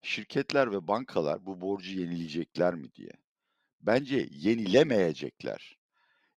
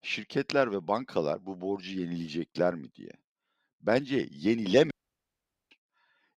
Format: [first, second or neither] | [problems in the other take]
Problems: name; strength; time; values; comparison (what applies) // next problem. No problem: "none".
first | audio cutting out; at 5 s for 1 s